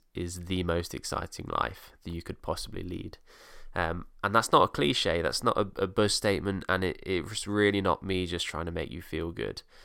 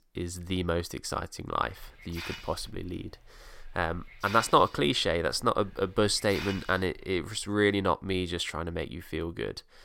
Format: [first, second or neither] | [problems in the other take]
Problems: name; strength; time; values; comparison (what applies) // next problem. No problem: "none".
first | hiss; noticeable; from 1.5 to 7.5 s; 15 dB below the speech